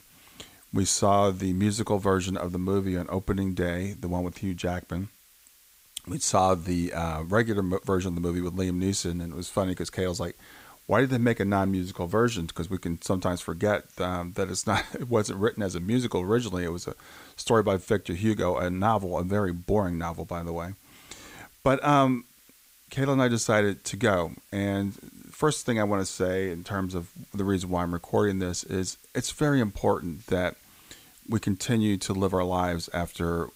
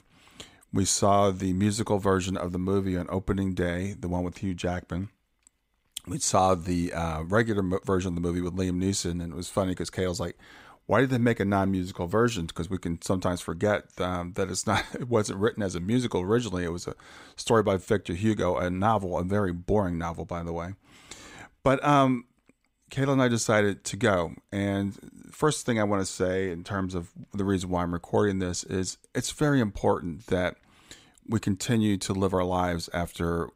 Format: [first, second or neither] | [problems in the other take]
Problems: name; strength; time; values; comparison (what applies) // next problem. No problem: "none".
second | hiss; faint; throughout; 25 dB below the speech